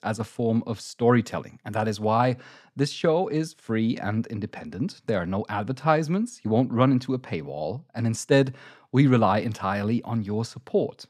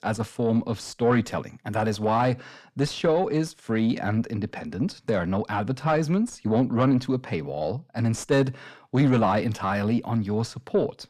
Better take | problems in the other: first | distortion; slight; 10 dB below the speech

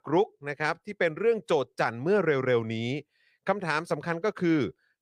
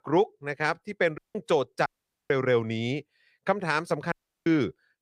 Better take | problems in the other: first | audio cutting out; at 1 s, at 2 s and at 4 s

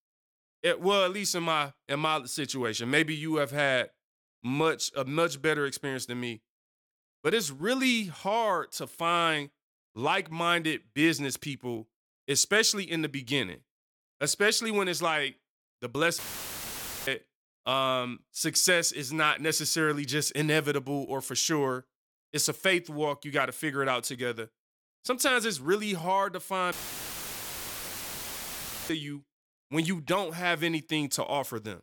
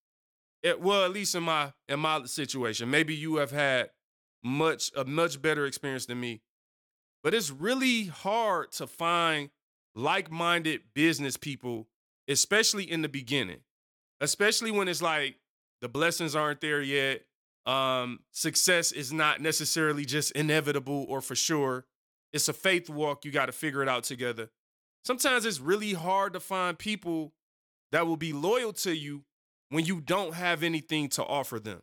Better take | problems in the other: second | audio cutting out; filled with static; at 16 s for 1 s and at 27 s for 2 s

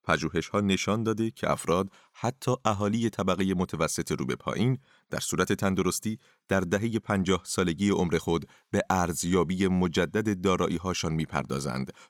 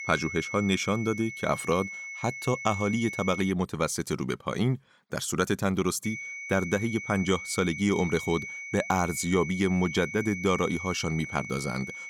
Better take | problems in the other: first | high-pitched whine; loud; until 3.5 s and from 6 s on; 2 kHz, 8 dB below the speech

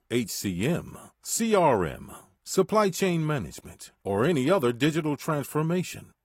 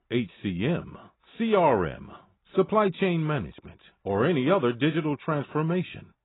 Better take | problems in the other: first | garbled, watery; badly; nothing above 3.5 kHz; slightly in the first

